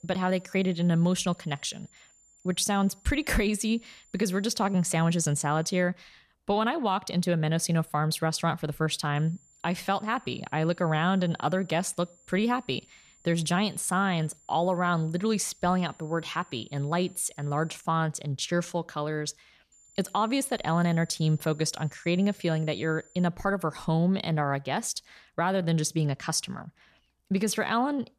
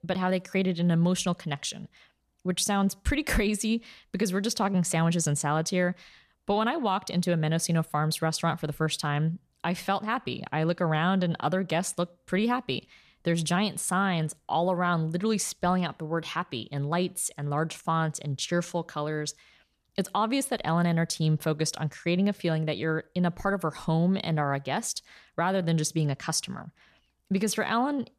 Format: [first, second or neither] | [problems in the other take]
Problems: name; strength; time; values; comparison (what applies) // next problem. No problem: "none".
second | high-pitched whine; faint; until 6 s, from 9 to 18 s and from 20 to 23 s; 7 kHz, 30 dB below the speech